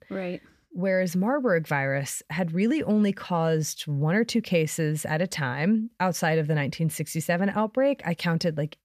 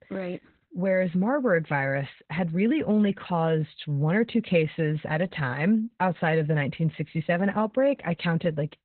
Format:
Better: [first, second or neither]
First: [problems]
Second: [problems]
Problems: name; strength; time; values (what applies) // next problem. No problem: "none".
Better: first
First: none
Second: garbled, watery; badly; nothing above 4 kHz